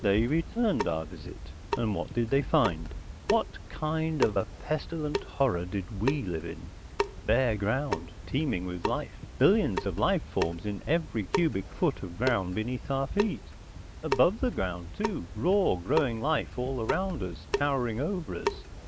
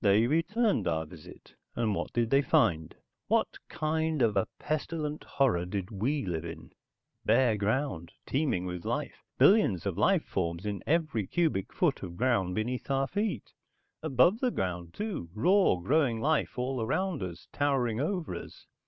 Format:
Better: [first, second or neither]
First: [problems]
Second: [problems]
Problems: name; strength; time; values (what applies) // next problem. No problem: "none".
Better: second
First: background sound (Drip / Sink (filling or washing) / Water tap, faucet); 7 dB below the speech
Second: none